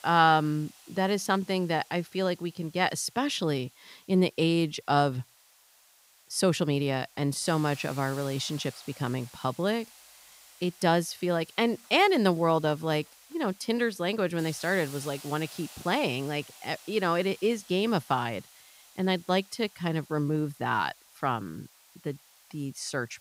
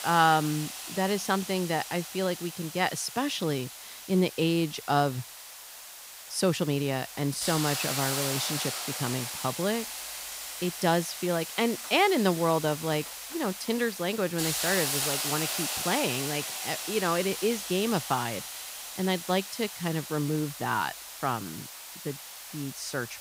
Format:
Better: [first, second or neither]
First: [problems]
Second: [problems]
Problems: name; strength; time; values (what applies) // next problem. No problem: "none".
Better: first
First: hiss; faint; throughout; 20 dB below the speech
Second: hiss; loud; throughout; 5 dB below the speech